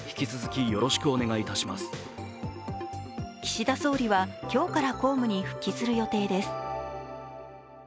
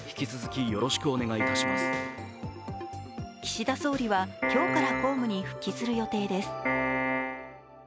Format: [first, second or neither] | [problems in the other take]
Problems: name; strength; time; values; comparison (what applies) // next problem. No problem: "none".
first | background sound (Piano); 1 dB above the speech